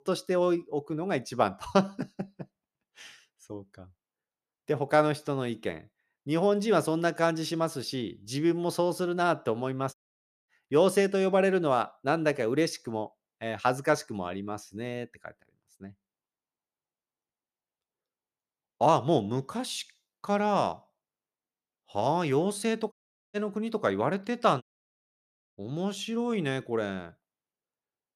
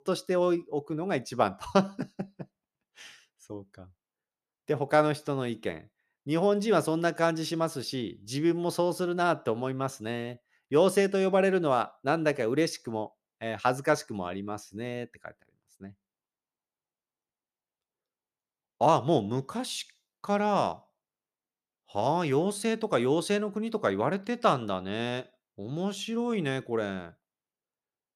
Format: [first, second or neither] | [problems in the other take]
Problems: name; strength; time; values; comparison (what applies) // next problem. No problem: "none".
second | audio cutting out; at 10 s for 0.5 s, at 23 s and at 25 s for 1 s